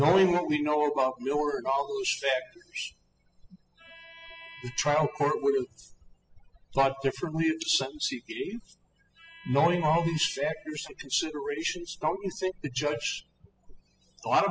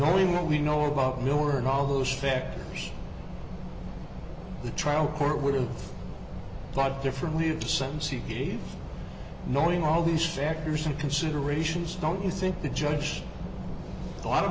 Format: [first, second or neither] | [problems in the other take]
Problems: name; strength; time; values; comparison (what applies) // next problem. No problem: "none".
second | noise reduction (classical method spectral subtraction)